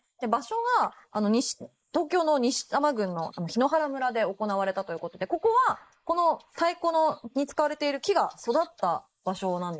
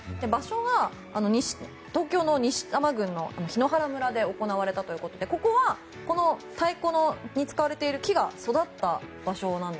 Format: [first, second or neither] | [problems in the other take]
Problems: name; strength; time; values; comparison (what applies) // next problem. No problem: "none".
second | noise reduction (neural mask model Resemble Enhance denoiser)